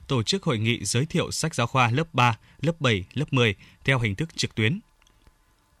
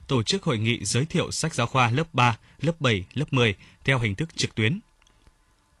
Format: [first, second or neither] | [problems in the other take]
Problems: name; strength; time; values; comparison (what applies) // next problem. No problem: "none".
first | garbled, watery; slightly